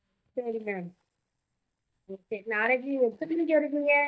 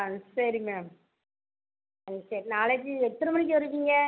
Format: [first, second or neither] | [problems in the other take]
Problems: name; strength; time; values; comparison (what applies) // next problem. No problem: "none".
second | noise reduction (neural mask model DeepFilterNet 3)